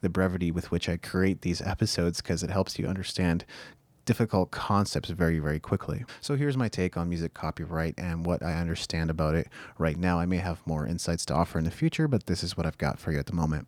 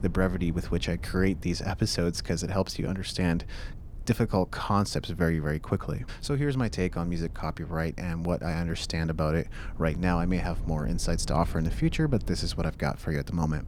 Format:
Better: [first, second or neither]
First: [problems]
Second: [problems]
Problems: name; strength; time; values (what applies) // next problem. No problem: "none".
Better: first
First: none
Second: low rumble; faint; throughout; 25 dB below the speech